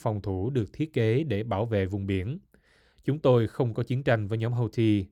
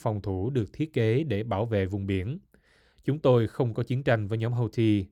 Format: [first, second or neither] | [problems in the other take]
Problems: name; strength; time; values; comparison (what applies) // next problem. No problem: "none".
neither | none